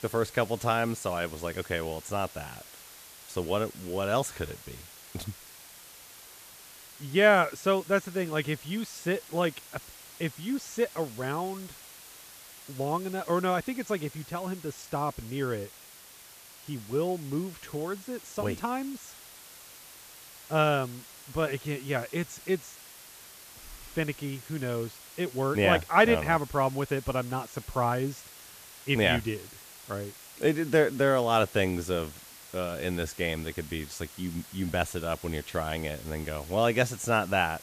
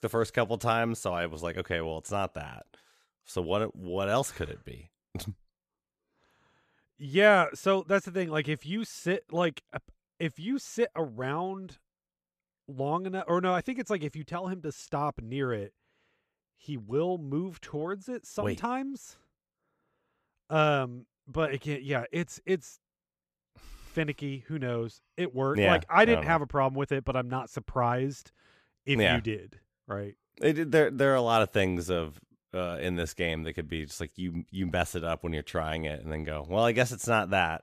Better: second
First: hiss; noticeable; throughout; 15 dB below the speech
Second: none

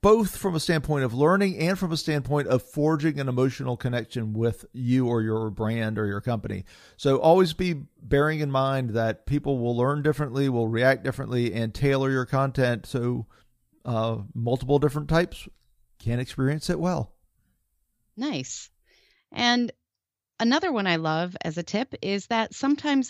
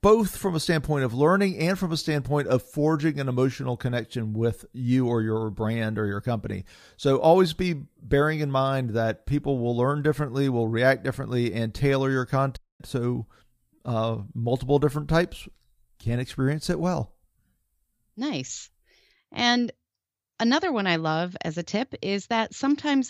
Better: first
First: none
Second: audio cutting out; at 13 s

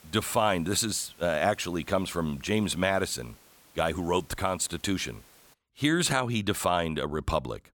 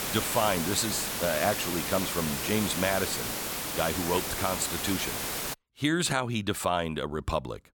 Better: first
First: hiss; faint; until 5.5 s; 25 dB below the speech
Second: hiss; loud; until 5.5 s; 1 dB below the speech

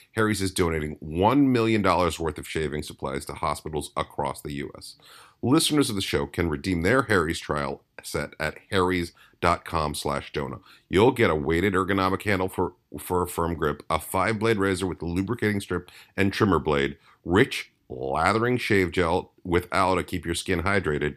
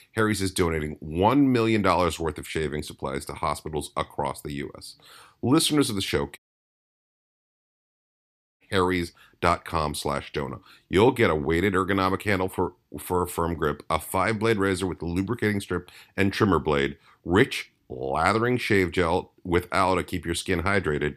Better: first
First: none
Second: audio cutting out; at 6.5 s for 2 s

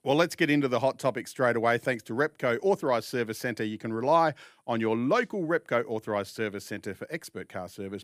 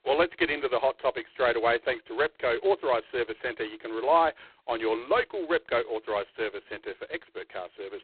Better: first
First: none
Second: phone-call audio; poor line; nothing above 4 kHz

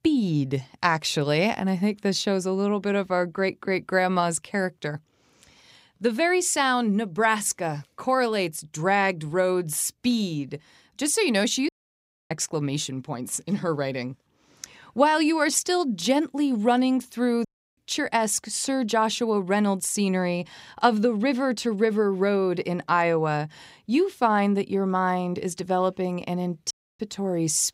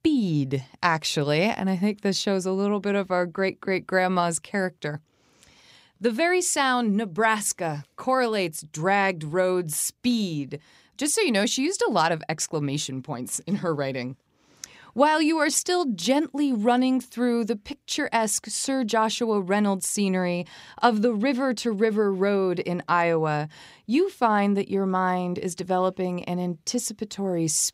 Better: second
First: audio cutting out; at 12 s for 0.5 s, at 17 s and at 27 s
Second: none

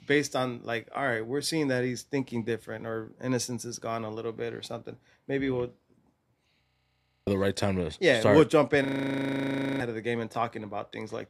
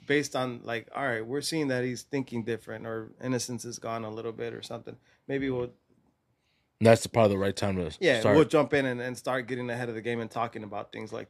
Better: second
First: audio freezing; at 6.5 s for 0.5 s and at 9 s for 1 s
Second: none

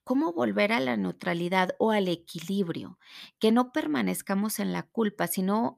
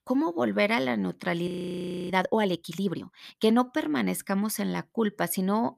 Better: first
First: none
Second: audio freezing; at 1.5 s for 0.5 s

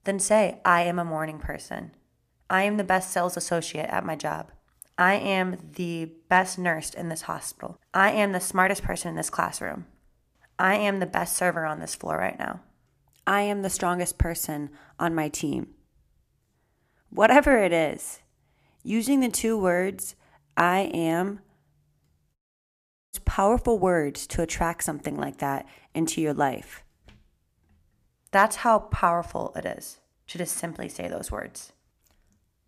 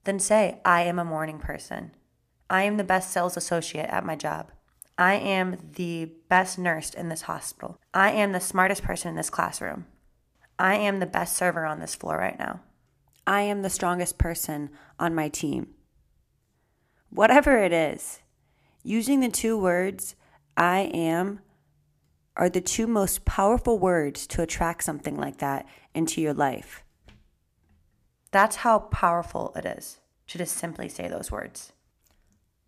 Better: second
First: audio cutting out; at 22 s for 1 s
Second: none

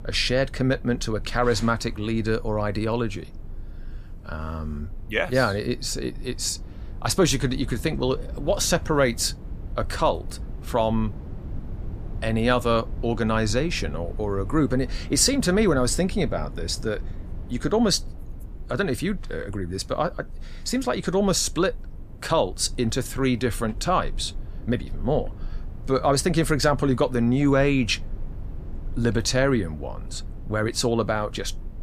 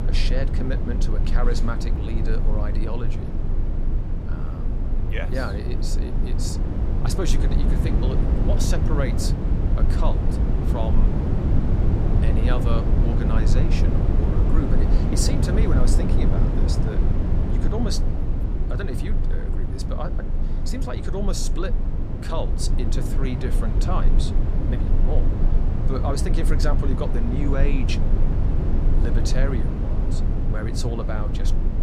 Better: first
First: low rumble; faint; throughout; 25 dB below the speech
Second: low rumble; loud; throughout; 2 dB below the speech

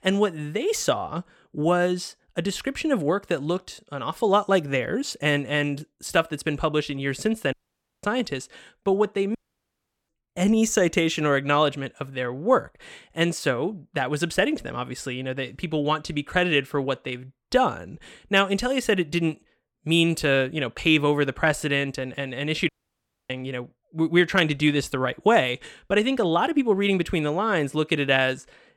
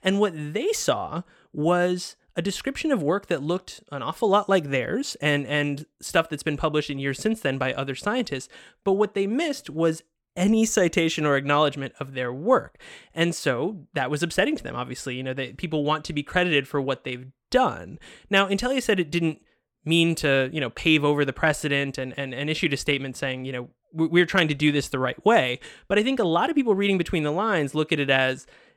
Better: second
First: audio cutting out; at 7.5 s, at 9.5 s for 0.5 s and at 23 s for 0.5 s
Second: none

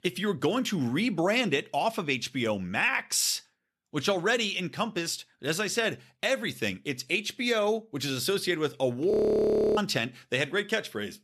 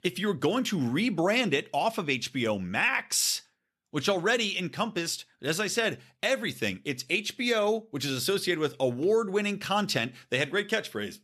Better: second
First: audio freezing; at 9 s for 0.5 s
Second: none

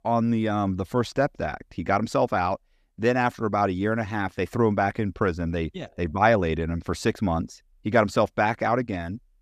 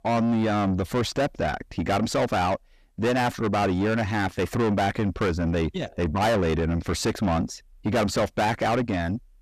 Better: first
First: none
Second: distortion; heavy; 7 dB below the speech

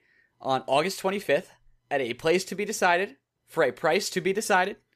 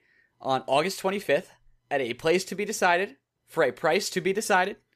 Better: neither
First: none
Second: none

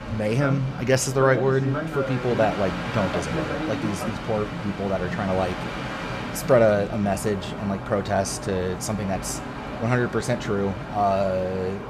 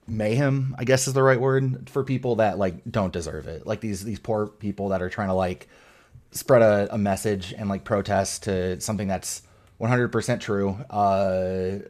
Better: second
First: train or aircraft noise; loud; throughout; 6 dB below the speech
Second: none

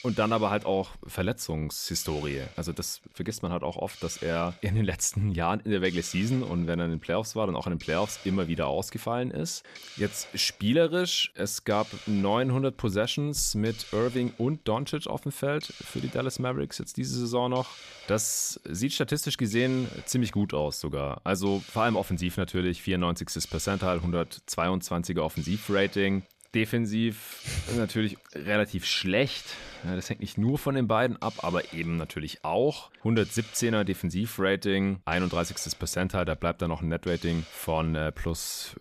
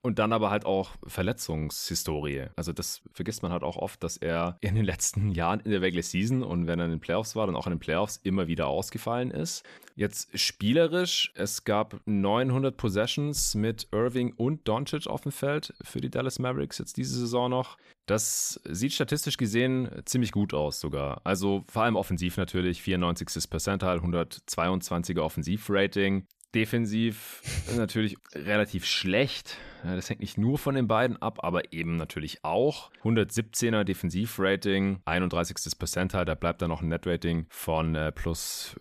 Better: second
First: hiss; noticeable; throughout; 20 dB below the speech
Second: none

